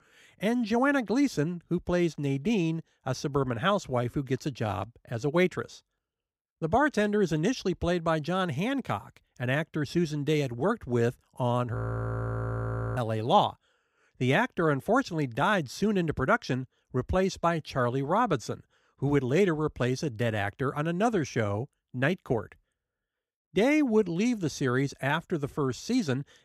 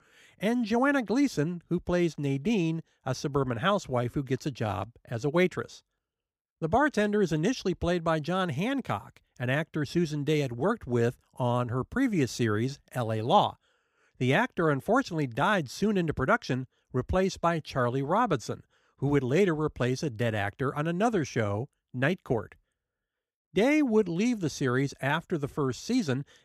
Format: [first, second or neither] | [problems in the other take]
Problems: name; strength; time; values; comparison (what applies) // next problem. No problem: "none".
second | audio freezing; at 12 s for 1 s